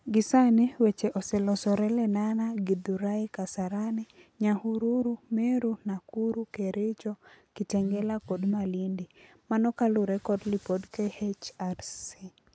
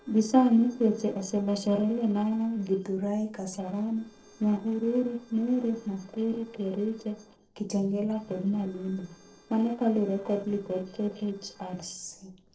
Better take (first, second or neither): first